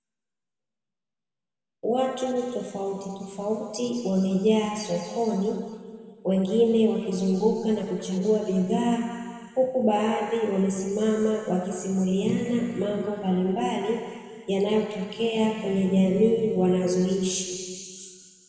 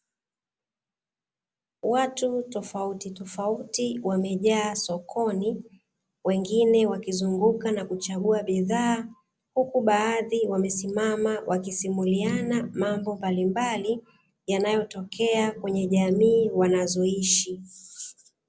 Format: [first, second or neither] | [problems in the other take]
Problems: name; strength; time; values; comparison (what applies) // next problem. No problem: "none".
second | room echo; dies away in 2.2 s